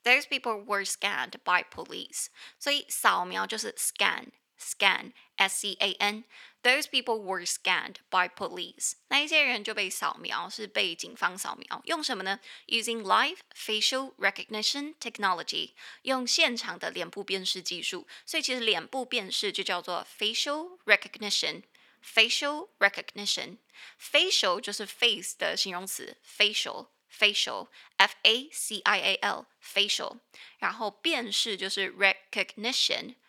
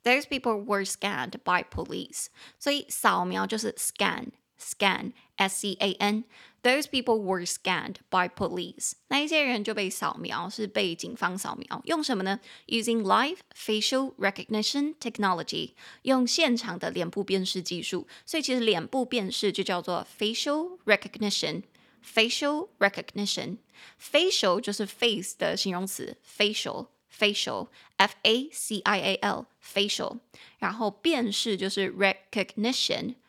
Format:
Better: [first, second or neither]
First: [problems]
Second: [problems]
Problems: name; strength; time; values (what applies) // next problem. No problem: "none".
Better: second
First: thin; somewhat; fading below 800 Hz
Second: none